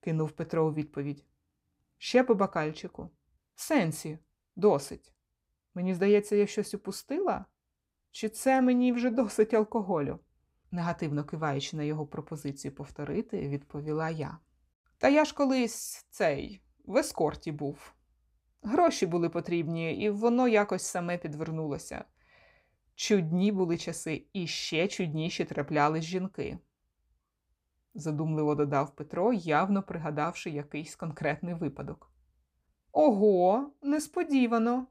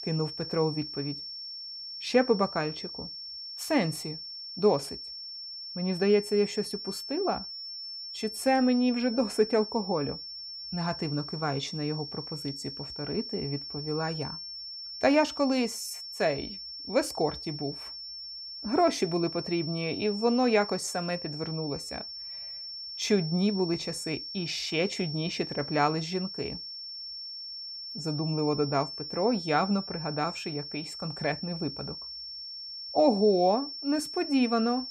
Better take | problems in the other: first | high-pitched whine; loud; throughout; 5.5 kHz, 8 dB below the speech

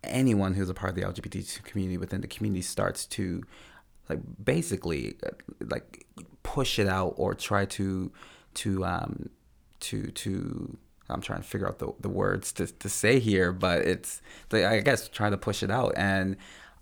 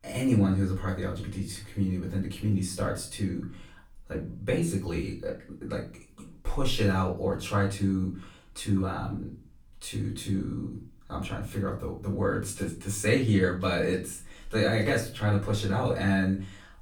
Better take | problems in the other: first | room echo; slight; dies away in 0.3 s // off-mic speech; far

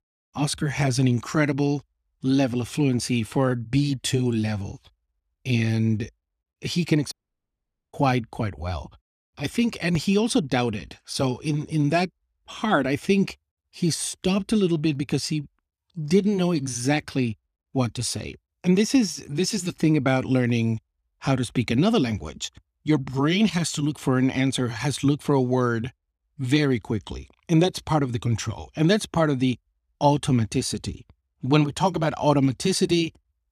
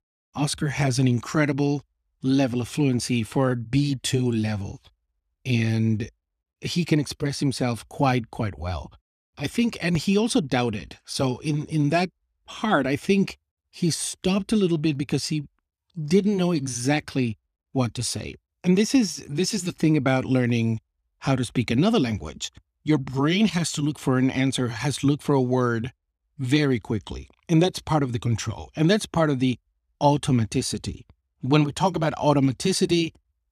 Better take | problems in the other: second | audio cutting out; at 7 s for 1 s

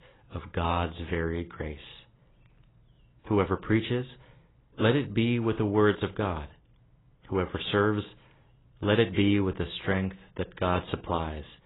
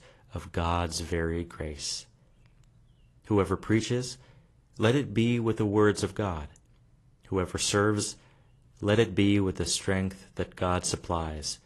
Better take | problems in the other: second | garbled, watery; badly; nothing above 4 kHz; slightly in the second

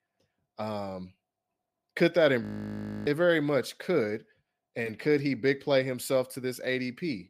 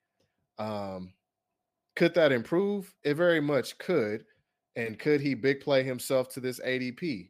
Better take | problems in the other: second | audio freezing; at 2.5 s for 0.5 s

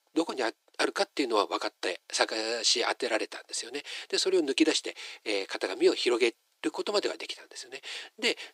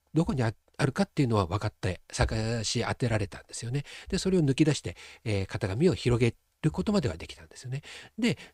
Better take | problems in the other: second | thin; very; fading below 350 Hz

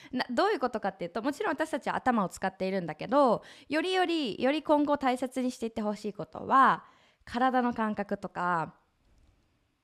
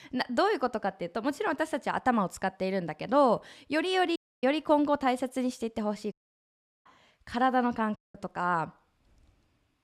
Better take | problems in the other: first | audio cutting out; at 4 s, at 6 s for 0.5 s and at 8 s

